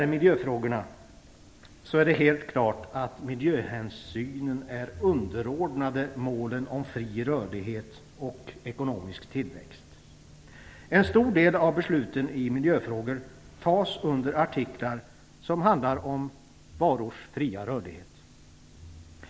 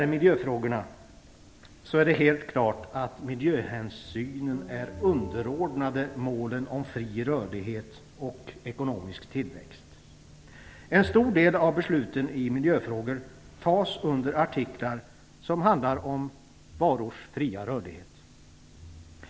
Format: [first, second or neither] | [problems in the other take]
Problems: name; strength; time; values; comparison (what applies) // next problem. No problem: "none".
first | background sound (Guitar); 17 dB below the speech